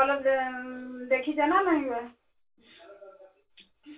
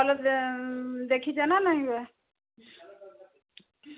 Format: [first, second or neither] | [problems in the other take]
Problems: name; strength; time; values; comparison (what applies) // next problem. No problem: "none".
second | room echo; dies away in 0.1 s